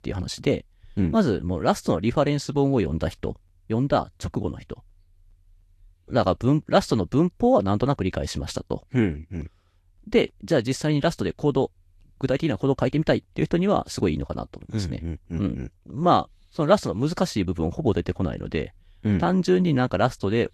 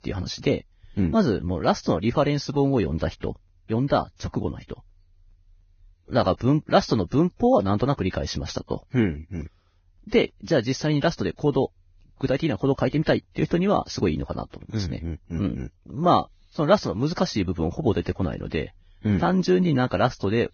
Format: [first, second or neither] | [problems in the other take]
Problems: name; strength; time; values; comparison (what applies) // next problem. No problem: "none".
first | garbled, watery; badly; nothing above 6.5 kHz; slightly in the first